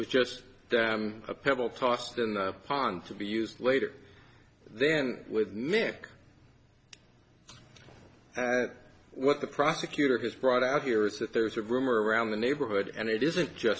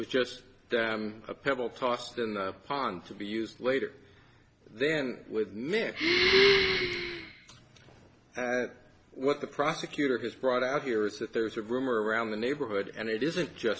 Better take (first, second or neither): first